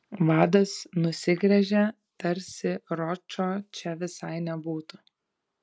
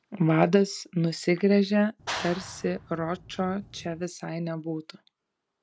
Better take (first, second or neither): first